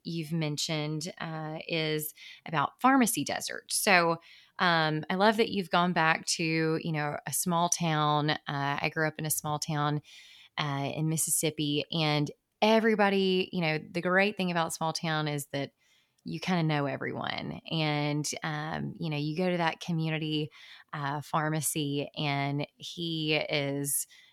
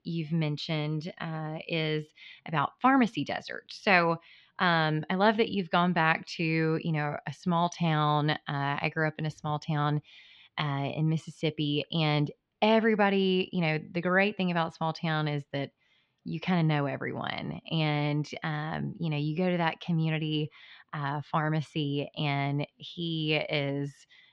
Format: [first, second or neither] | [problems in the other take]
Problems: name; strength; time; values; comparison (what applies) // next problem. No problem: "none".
first | muffled; slightly; fading above 4 kHz